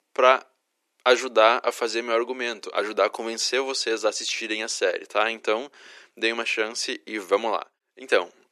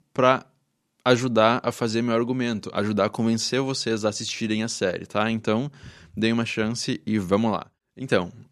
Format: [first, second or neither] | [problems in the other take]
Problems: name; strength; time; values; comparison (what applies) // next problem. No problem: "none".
second | thin; very; fading below 350 Hz